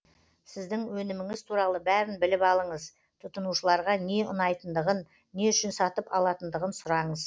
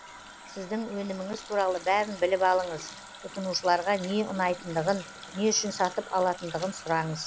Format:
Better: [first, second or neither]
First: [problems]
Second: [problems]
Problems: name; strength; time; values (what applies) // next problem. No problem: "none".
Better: first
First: none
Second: background sound (Water tap, faucet); 16 dB below the speech